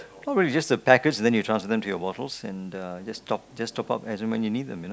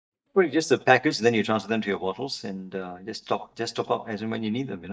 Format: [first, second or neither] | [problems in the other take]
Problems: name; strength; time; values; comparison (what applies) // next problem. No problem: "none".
first | noise reduction (neural mask model DeepFilterNet 3)